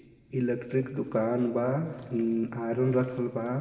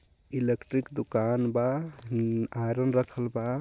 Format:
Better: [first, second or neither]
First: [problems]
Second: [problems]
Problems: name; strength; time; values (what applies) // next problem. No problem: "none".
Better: second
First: room echo; dies away in 2.8 s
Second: none